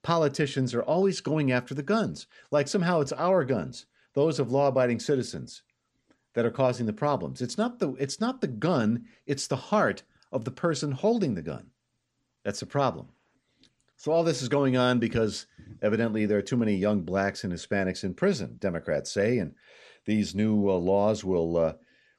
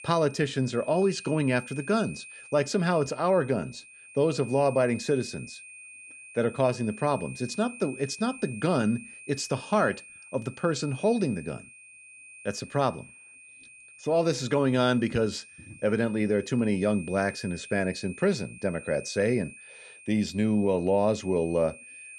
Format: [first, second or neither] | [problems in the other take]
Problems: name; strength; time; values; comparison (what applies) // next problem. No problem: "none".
first | high-pitched whine; noticeable; throughout; 2.5 kHz, 15 dB below the speech